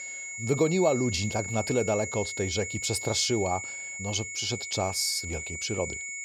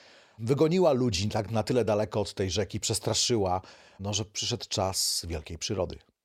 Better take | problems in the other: second | high-pitched whine; loud; throughout; 2 kHz, 6 dB below the speech

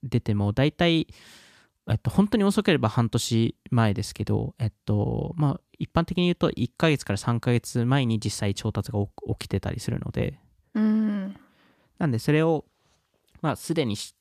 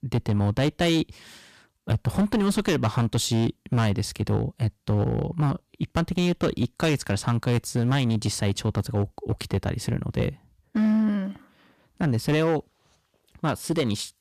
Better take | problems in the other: first | distortion; slight; 9% of the sound clipped

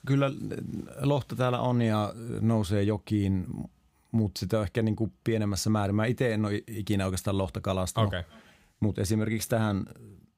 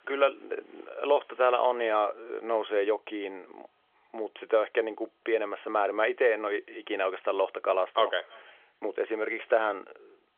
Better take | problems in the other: first | phone-call audio; nothing above 3.5 kHz

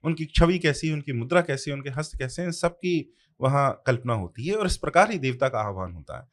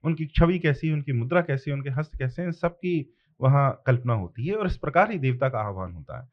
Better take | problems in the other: first | muffled; very; fading above 3 kHz

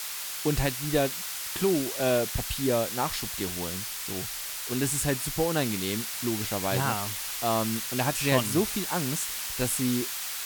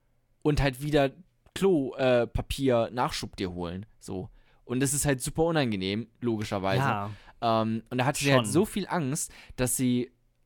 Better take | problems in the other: second | hiss; loud; throughout; 2 dB below the speech

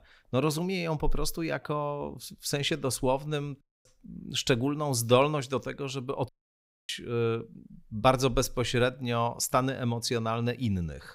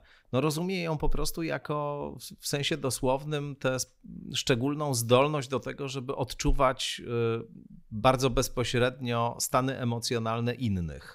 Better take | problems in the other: second | audio cutting out; at 3.5 s and at 6.5 s for 0.5 s

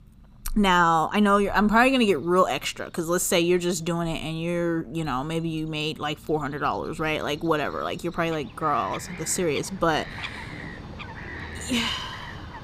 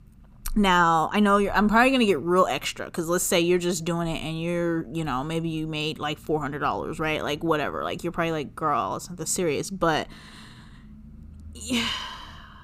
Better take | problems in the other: second | animal sounds; noticeable; throughout; 15 dB below the speech

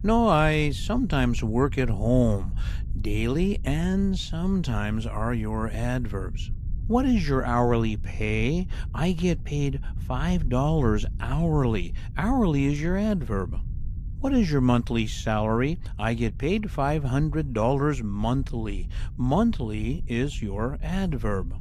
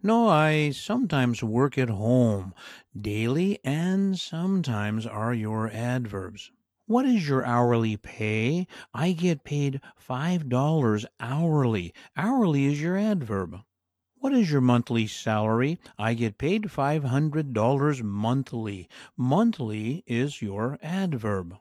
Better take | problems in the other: second | low rumble; faint; throughout; 25 dB below the speech

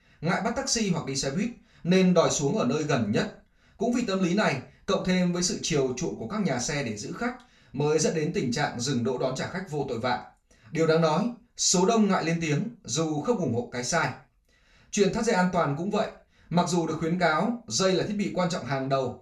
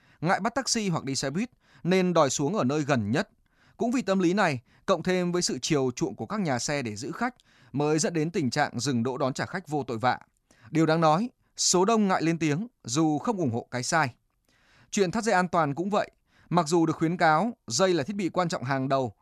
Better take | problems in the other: second | room echo; very slight; dies away in 0.3 s // off-mic speech; far

